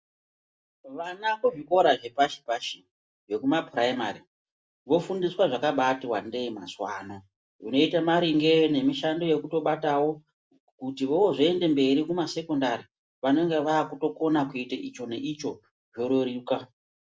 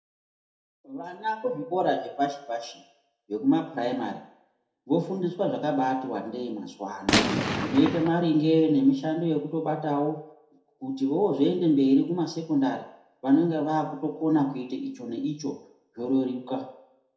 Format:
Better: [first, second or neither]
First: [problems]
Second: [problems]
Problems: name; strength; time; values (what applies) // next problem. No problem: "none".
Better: first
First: none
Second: background sound (Gunshot, gunfire); as loud as the speech // room echo; dies away in 0.6 s